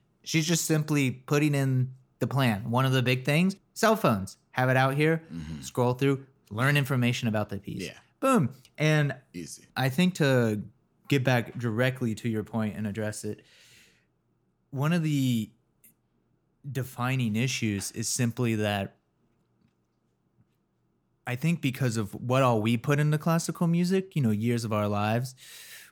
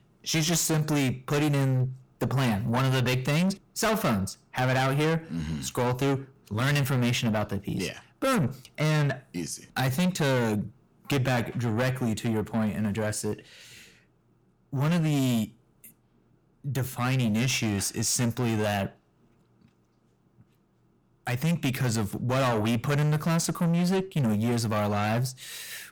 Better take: first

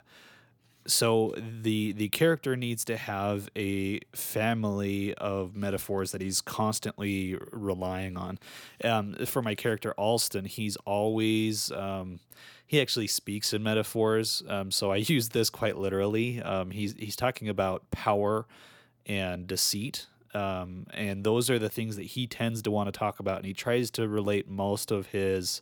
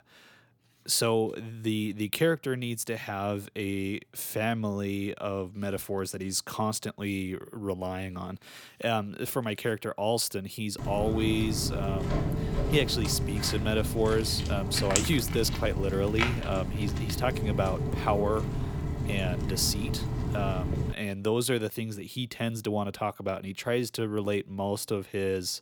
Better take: first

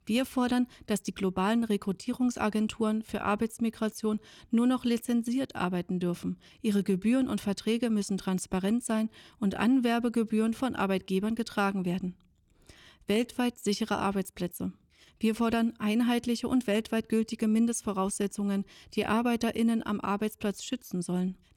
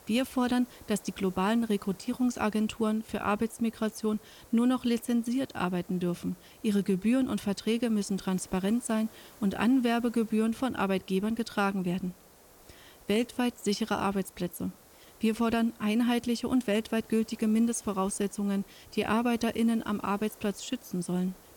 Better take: first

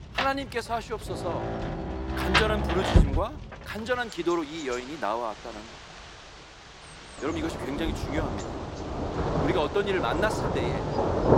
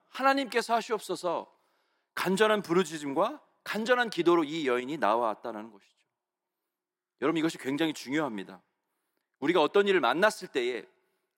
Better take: second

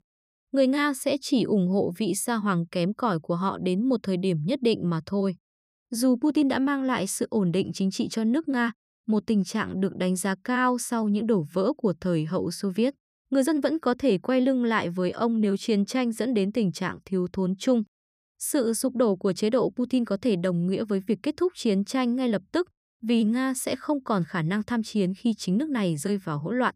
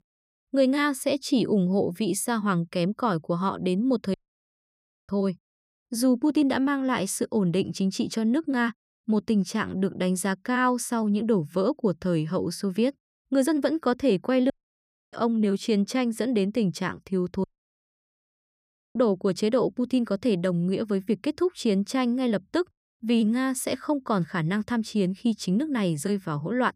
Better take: first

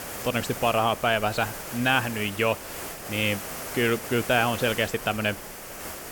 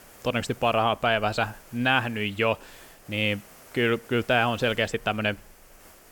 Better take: second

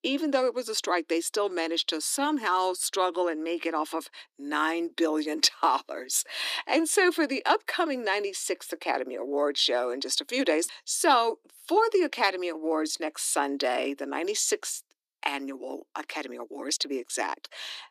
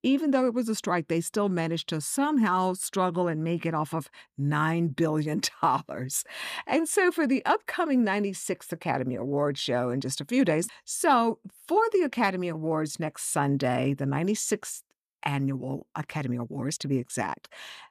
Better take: second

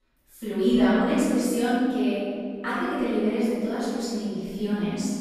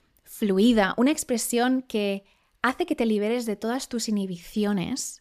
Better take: second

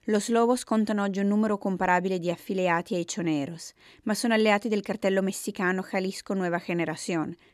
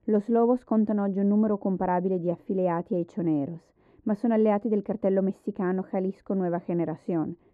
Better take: first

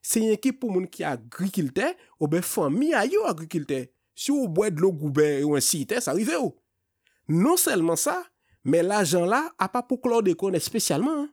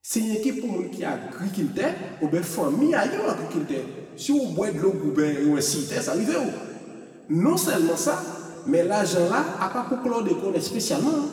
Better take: first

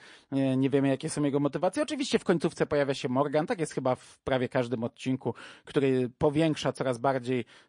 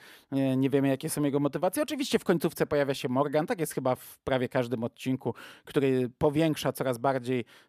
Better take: second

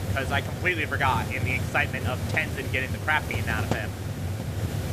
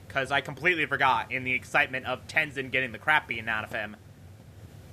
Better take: second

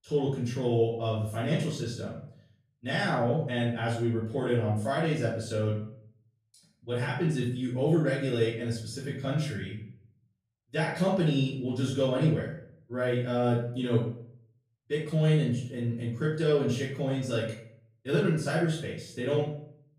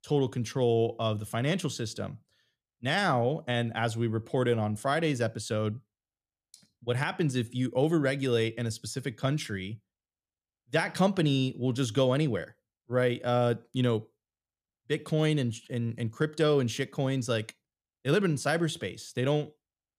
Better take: second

